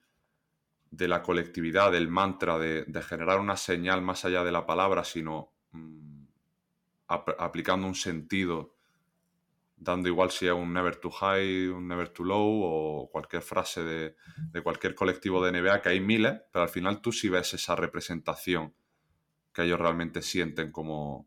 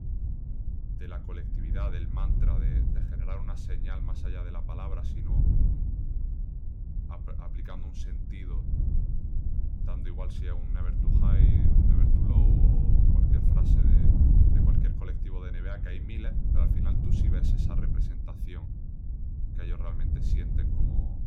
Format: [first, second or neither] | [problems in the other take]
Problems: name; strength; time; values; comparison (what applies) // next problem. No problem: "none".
first | wind noise on the microphone; heavy; 5 dB above the speech